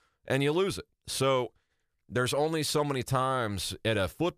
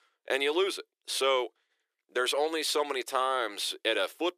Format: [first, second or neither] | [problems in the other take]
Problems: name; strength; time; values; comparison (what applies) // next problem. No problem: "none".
first | thin; very; fading below 350 Hz